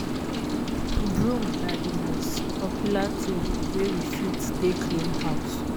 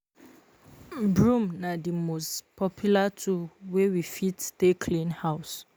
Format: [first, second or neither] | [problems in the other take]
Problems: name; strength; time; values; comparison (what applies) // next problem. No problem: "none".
second | background sound (Rain); 3 dB above the speech